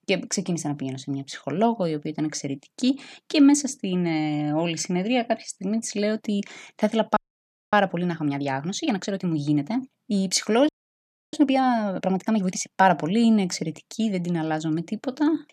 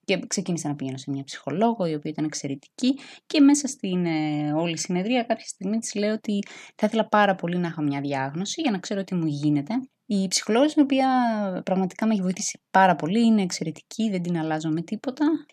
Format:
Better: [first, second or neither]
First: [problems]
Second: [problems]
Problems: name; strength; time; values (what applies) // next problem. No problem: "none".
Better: second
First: audio freezing; at 7 s for 0.5 s and at 11 s for 0.5 s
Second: none